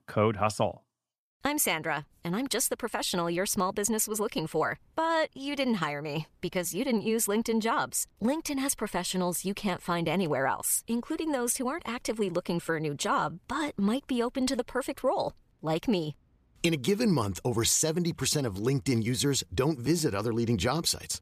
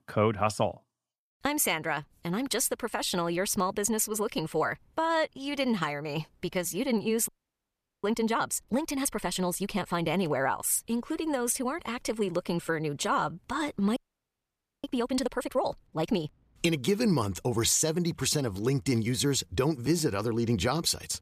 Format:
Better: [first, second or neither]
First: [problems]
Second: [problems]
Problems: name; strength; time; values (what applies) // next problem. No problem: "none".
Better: first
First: none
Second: audio freezing; at 7.5 s for 0.5 s and at 14 s for 1 s